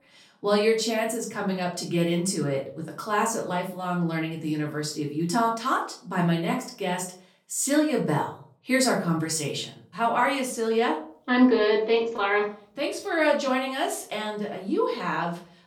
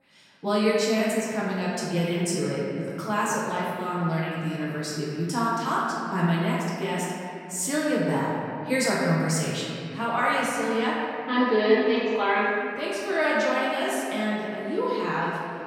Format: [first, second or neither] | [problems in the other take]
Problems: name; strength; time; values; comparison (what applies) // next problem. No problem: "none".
first | room echo; strong; dies away in 2.7 s; slight in the first // off-mic speech; far; far in the first